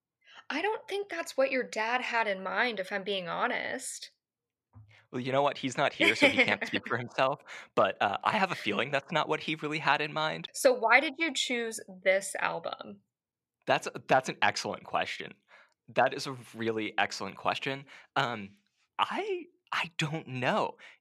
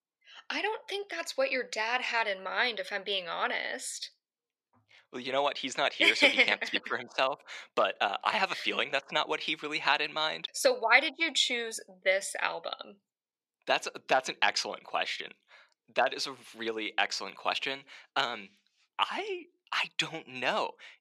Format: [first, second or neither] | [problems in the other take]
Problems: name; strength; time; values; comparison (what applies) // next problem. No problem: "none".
first | thin; very slightly; fading below 300 Hz